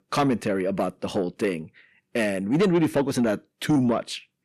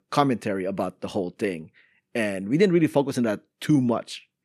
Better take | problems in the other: second | distortion; slight; 10 dB below the speech

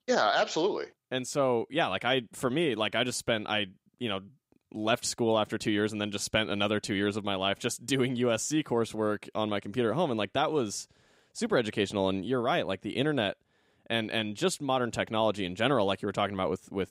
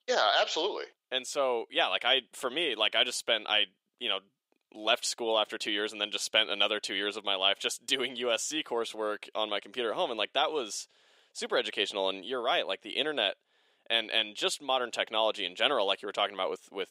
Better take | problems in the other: first | thin; somewhat; fading below 500 Hz

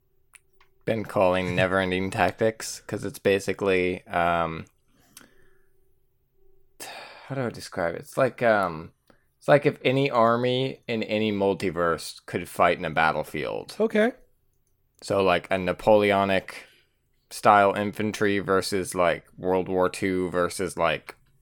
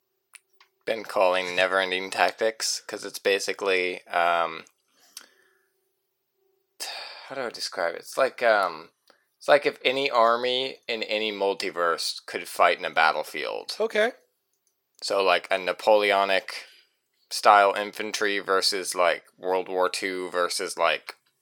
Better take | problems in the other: first | thin; somewhat; fading below 500 Hz

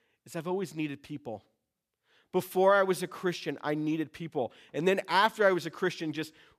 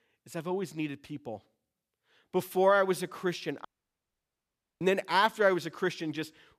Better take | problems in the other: first | audio cutting out; at 3.5 s for 1 s

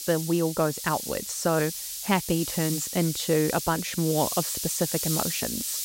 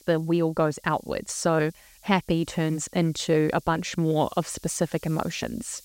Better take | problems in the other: second | hiss; loud; throughout; 3 dB below the speech; faint in the second

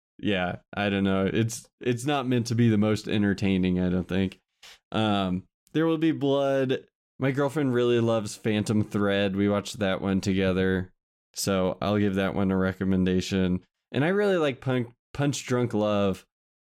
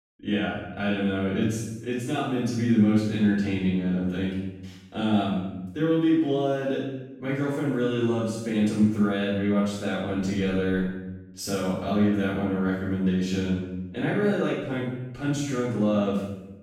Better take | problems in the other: first | off-mic speech; far // room echo; strong; dies away in 0.9 s

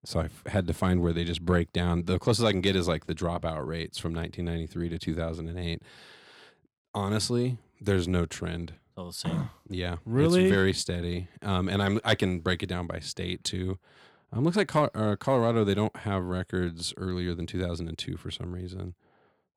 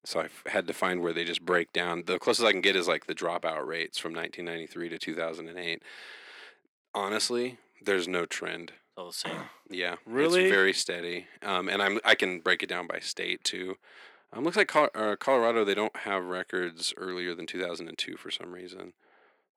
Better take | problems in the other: first | thin; somewhat; fading below 300 Hz

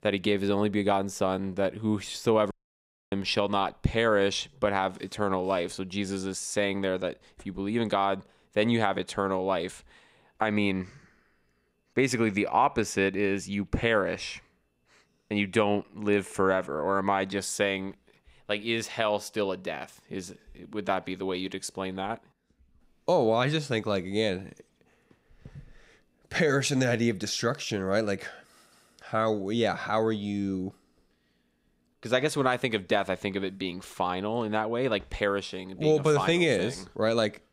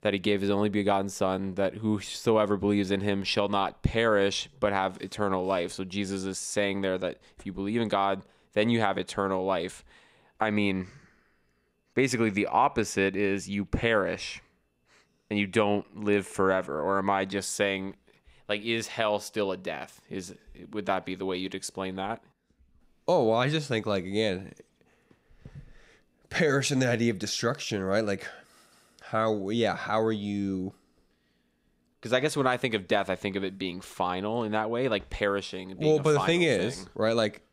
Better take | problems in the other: second | audio cutting out; at 2.5 s for 0.5 s

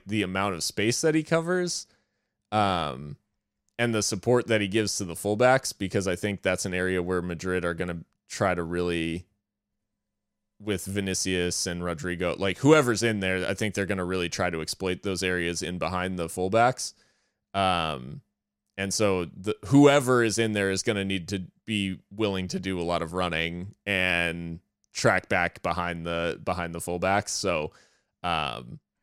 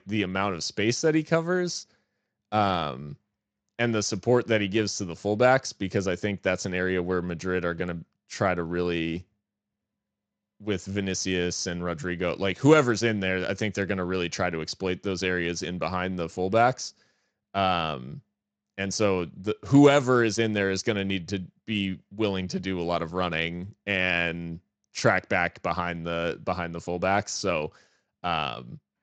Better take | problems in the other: first | garbled, watery; slightly; nothing above 7.5 kHz

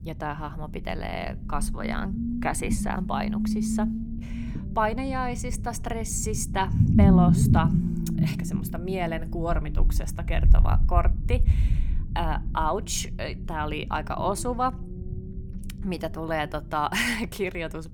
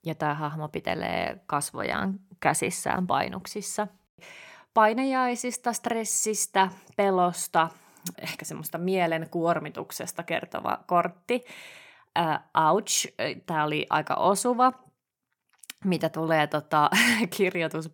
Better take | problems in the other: second | low rumble; loud; throughout; 7 dB below the speech

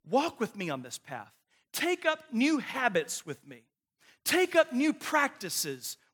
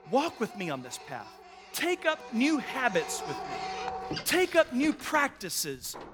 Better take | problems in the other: first | household noises; noticeable; throughout; 10 dB below the speech

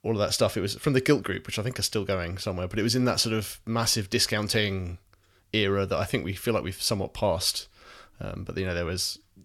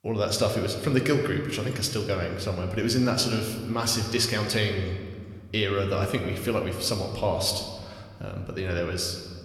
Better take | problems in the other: first | room echo; slight; dies away in 1.7 s

